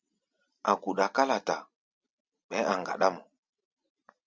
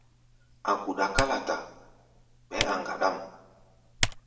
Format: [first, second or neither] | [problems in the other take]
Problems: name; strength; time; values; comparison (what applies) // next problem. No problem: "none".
first | background sound (Typing); 4 dB below the speech // room echo; dies away in 0.8 s